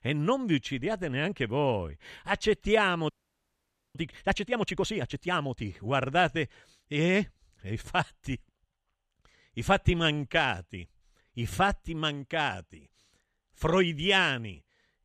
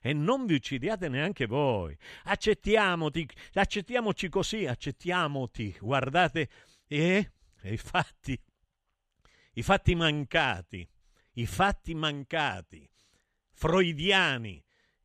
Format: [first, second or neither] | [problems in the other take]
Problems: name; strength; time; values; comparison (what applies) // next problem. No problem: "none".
second | audio freezing; at 3 s for 1 s